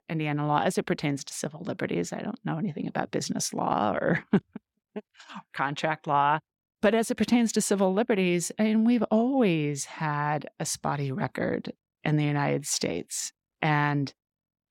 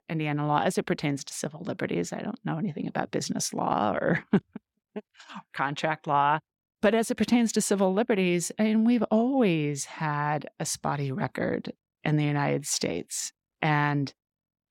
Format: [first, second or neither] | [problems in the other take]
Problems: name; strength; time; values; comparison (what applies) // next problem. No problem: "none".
neither | none